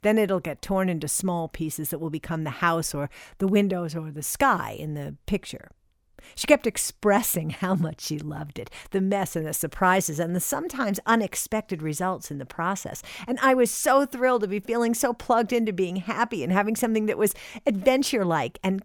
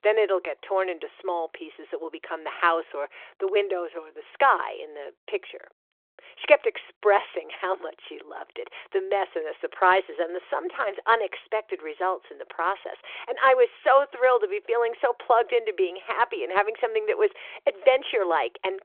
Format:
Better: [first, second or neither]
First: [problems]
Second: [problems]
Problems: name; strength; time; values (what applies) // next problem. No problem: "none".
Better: first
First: none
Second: phone-call audio